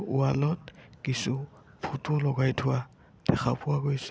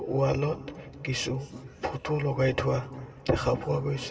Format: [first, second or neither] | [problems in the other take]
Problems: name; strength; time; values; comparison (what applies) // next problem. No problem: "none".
first | room echo; dies away in 2.6 s